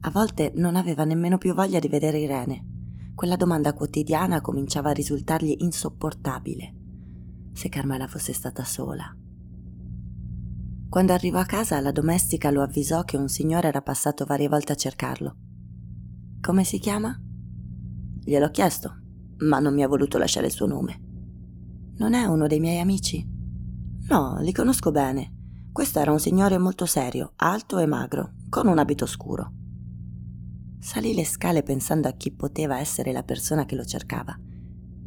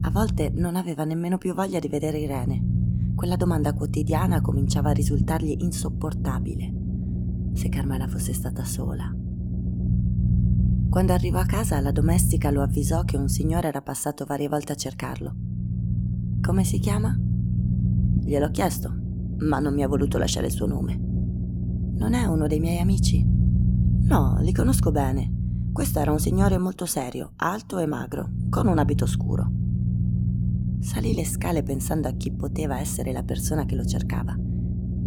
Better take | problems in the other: first | low rumble; loud; throughout; 7 dB below the speech; faint in the first

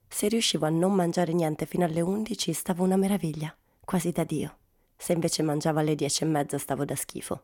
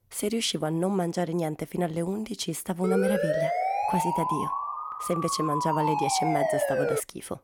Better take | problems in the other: first | siren; loud; from 3 s on; peak 3 dB above the speech

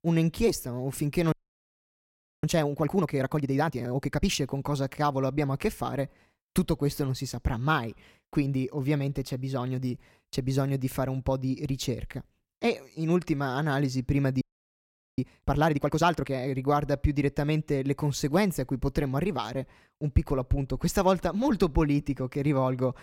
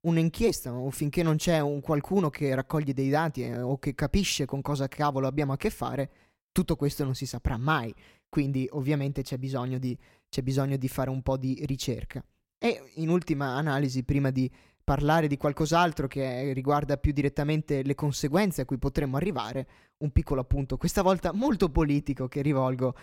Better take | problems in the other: second | audio freezing; at 1.5 s for 1 s and at 14 s for 1 s

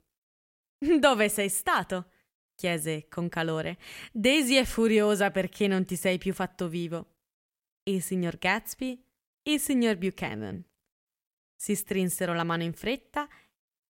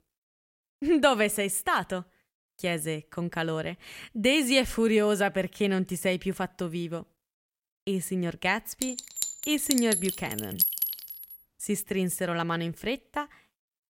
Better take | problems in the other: first | clattering dishes; loud; from 9 to 11 s; peak 4 dB above the speech

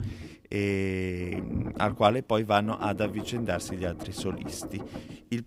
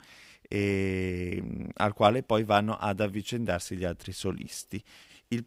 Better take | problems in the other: second | low rumble; noticeable; throughout; 15 dB below the speech

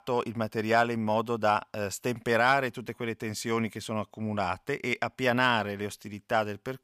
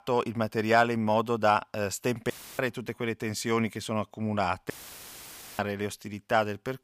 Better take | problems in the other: first | audio cutting out; filled with static; at 2.5 s and at 4.5 s for 1 s

